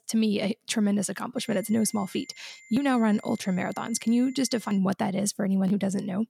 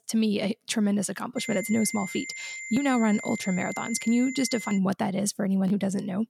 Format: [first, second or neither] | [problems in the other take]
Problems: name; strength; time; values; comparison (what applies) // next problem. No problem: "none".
first | high-pitched whine; loud; from 1.5 to 5 s; 2 kHz, 9 dB below the speech; faint in the first